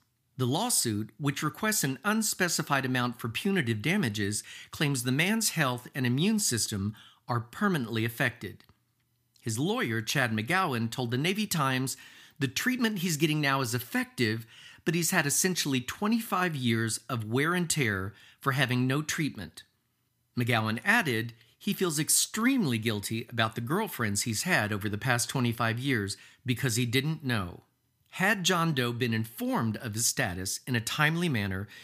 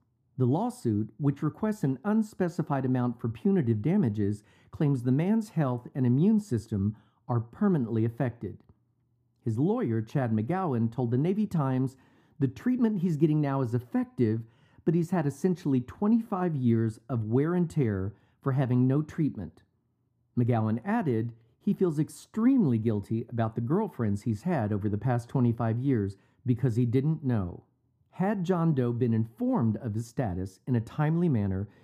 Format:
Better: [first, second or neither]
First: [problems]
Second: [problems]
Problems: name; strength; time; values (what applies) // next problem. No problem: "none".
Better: first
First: none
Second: muffled; very; fading above 1 kHz